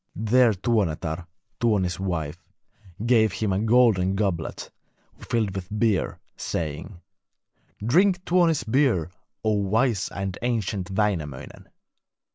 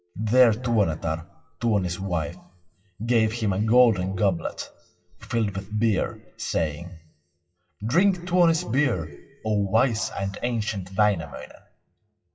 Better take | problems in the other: first | noise reduction (classical method WPE with log-MMSE)

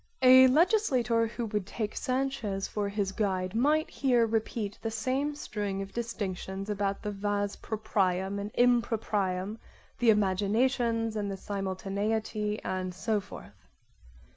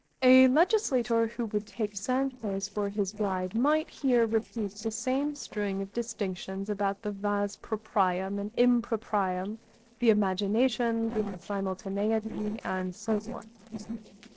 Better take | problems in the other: first | noise reduction (neural separator model SepFormer DNS4)

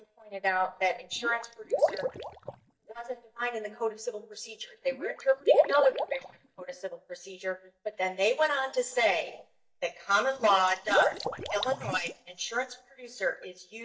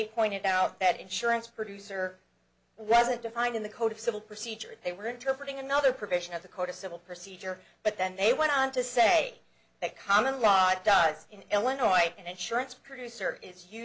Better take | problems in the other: second | noise reduction (neural mask model DeepFilterNet 3)

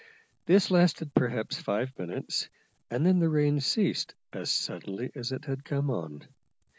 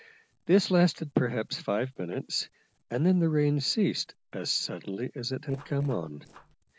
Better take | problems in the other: first | noise reduction (neural separator model SepFormer DNS4)

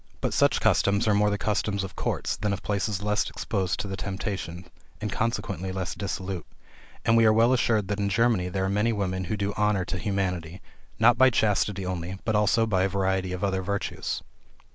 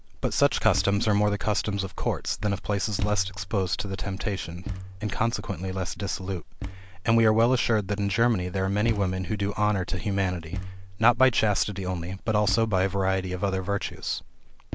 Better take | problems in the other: first | background sound (Thump, thud); 15 dB below the speech

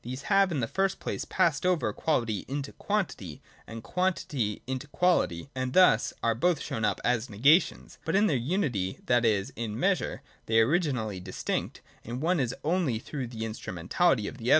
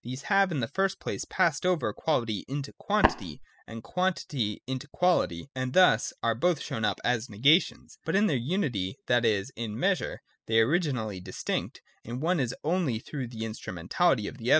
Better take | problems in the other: first | noise reduction (classical method spectral subtraction)

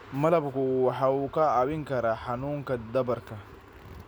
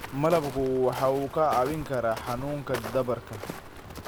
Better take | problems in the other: first | background sound (Walk, footsteps); 12 dB below the speech

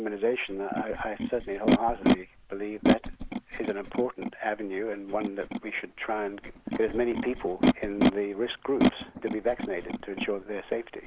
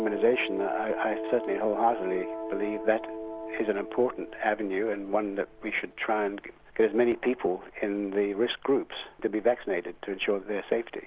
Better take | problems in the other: second | noise reduction (neural mask model Resemble Enhance denoiser)

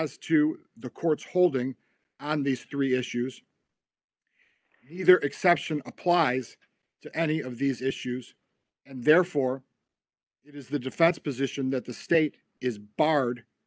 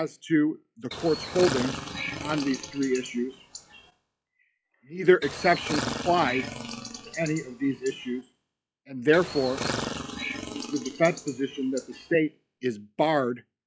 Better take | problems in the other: first | noise reduction (classical method log-MMSE)

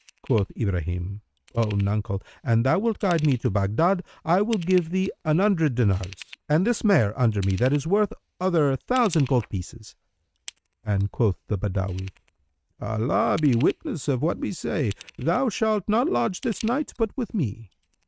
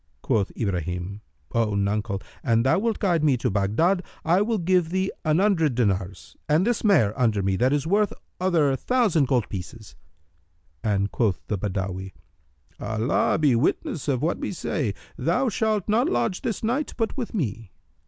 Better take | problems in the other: second | noise reduction (neural mask model RNNoise)

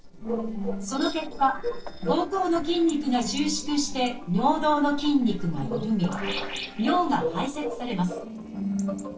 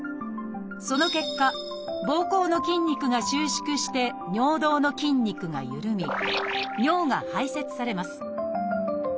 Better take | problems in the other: second | noise reduction (neural separator model SepFormer DNS4)

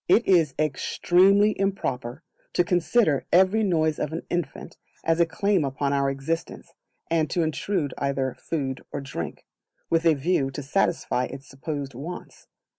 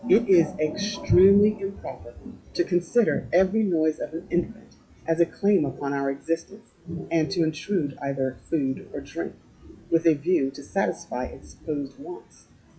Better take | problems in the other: first | noise reduction (classical method WPE with log-MMSE)

